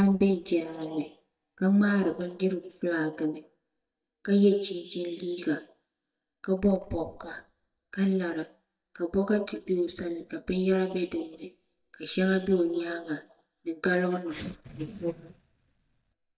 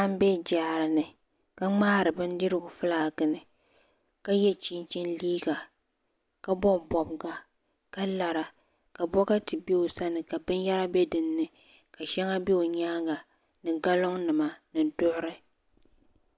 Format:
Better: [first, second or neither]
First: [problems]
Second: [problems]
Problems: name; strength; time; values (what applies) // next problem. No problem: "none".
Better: second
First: noise reduction (neural mask model DeepFilterNet 3)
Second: none